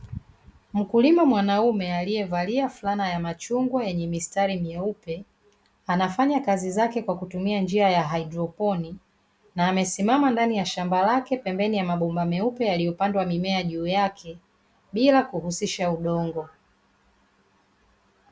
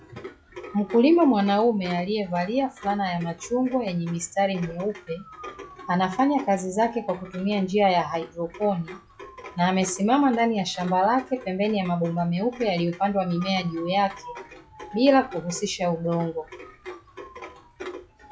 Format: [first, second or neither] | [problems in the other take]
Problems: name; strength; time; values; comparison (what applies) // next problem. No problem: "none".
first | noise reduction (classical method log-MMSE)